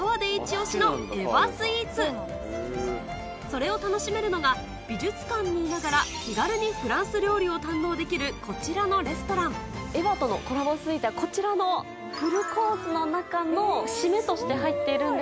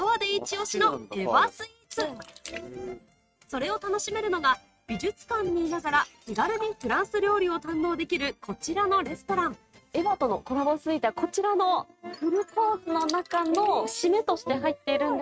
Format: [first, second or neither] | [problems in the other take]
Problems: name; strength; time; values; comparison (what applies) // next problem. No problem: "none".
first | noise reduction (neural mask model RNNoise)